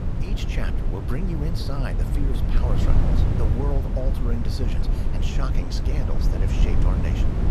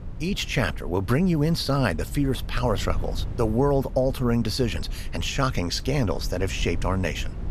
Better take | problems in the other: second | wind noise on the microphone; heavy; as loud as the speech; occasional gusts in the second

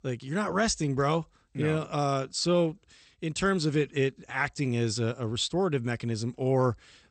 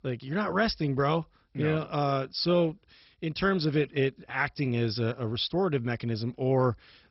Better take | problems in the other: first | garbled, watery; badly; nothing above 5.5 kHz; slightly in the first

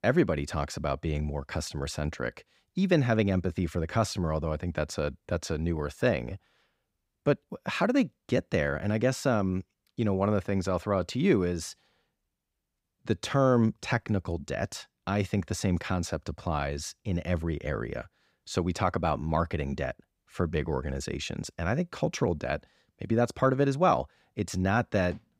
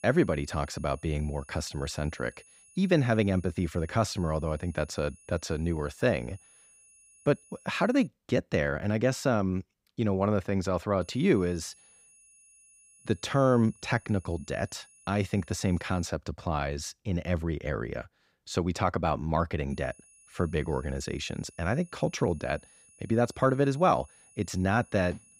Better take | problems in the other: first | high-pitched whine; faint; until 8 s, from 11 to 16 s and from 20 s on; 10 kHz, 25 dB below the speech

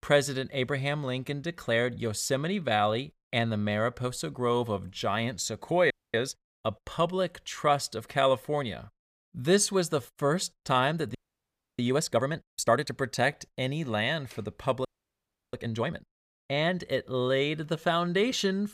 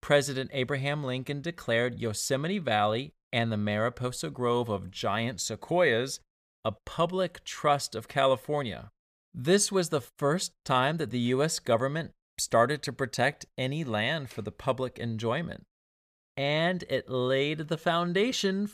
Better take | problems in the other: second | audio freezing; at 6 s, at 11 s for 0.5 s and at 15 s for 0.5 s

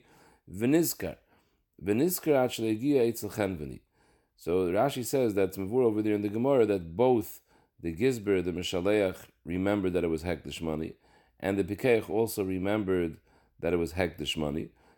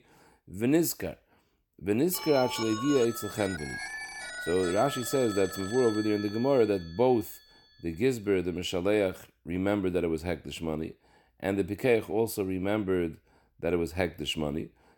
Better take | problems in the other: first | phone ringing; noticeable; from 2 to 7 s; peak 6 dB below the speech

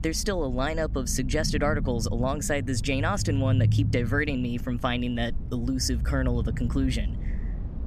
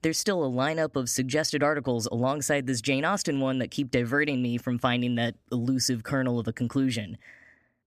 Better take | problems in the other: second | low rumble; noticeable; throughout; 15 dB below the speech

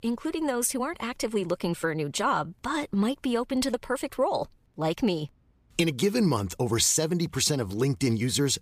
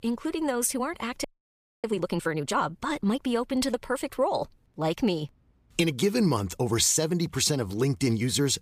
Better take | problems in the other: first | audio freezing; at 1 s for 0.5 s

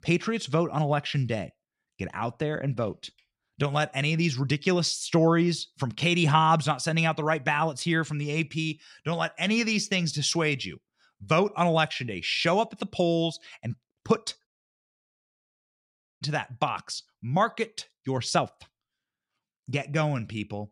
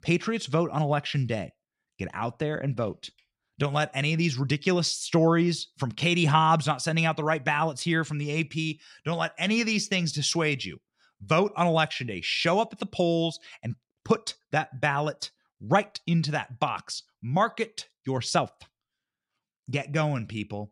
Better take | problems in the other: second | audio cutting out; at 14 s for 1.5 s

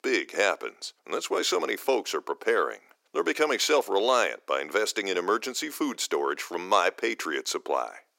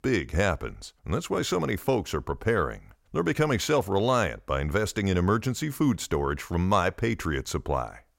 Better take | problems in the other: second | thin; somewhat; fading below 300 Hz

